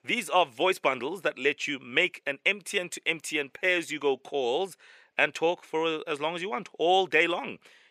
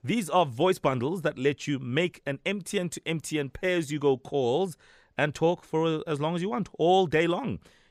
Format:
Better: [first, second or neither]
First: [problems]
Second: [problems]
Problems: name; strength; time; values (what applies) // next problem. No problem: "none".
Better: second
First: thin; somewhat; fading below 400 Hz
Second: none